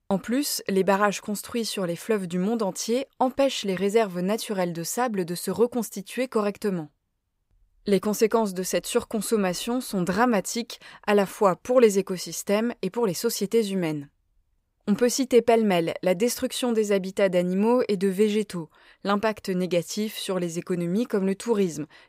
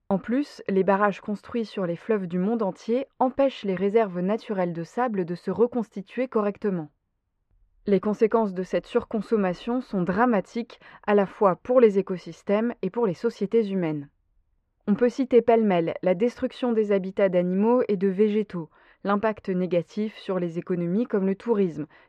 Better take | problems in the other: first | muffled; very; fading above 2 kHz

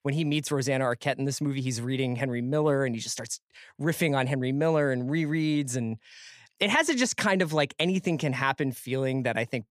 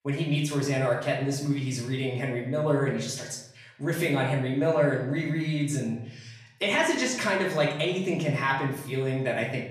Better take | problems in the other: first | off-mic speech; far // room echo; noticeable; dies away in 0.7 s

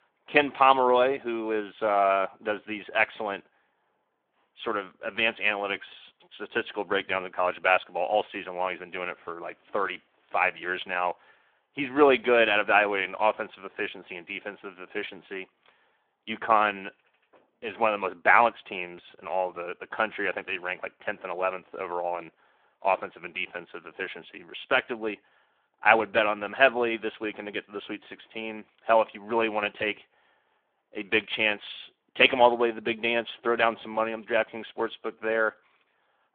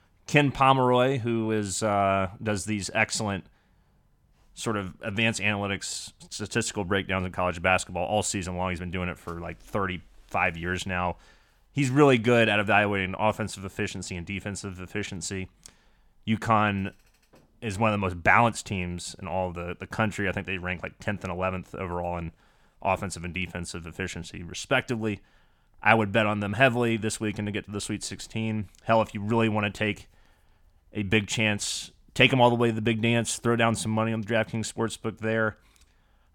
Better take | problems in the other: second | phone-call audio

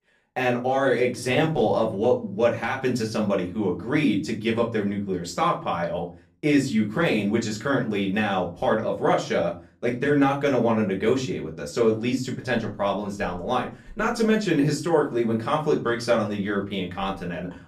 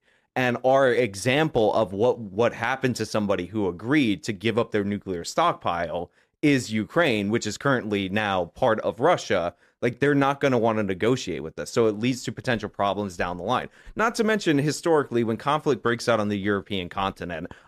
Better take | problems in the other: second | off-mic speech; far // room echo; very slight; dies away in 0.3 s

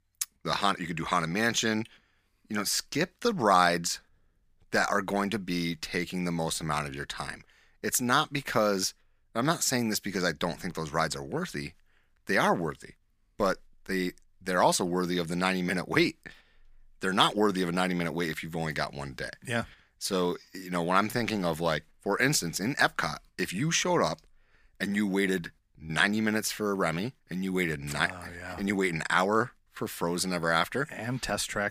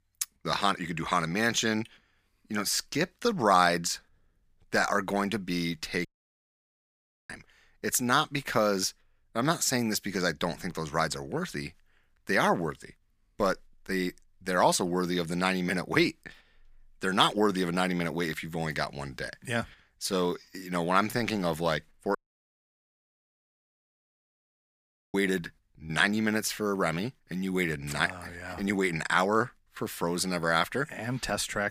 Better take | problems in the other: first | audio cutting out; at 6 s for 1 s and at 22 s for 3 s

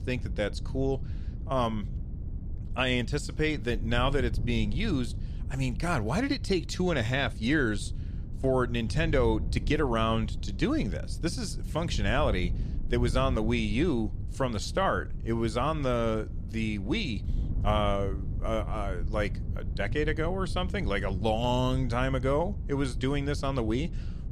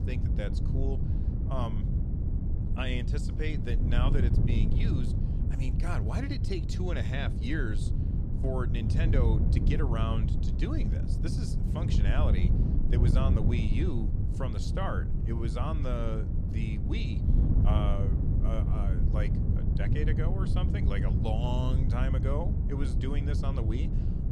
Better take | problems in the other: first | wind noise on the microphone; heavy; 3 dB below the speech; occasional gusts in the first

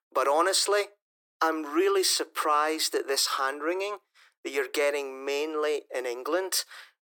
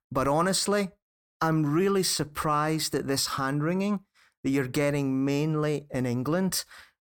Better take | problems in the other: second | thin; very; fading below 350 Hz

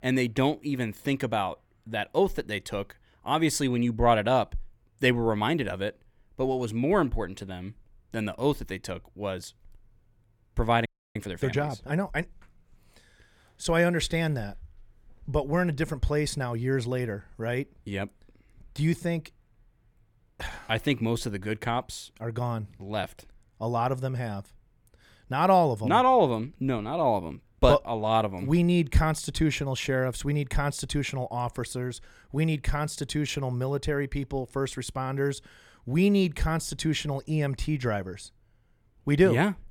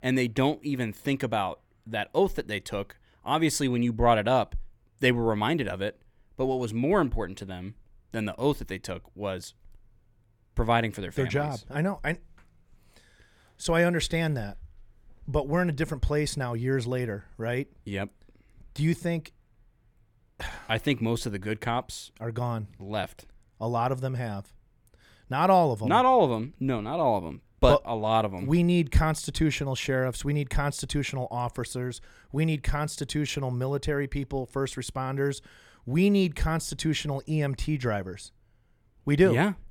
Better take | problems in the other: second | audio freezing; at 11 s

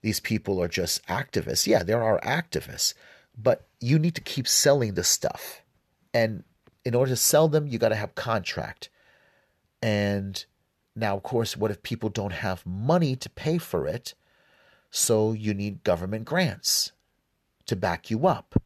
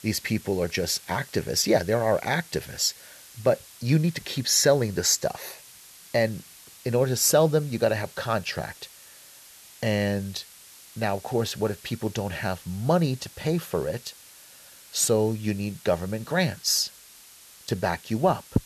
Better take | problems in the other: first | hiss; faint; throughout; 20 dB below the speech

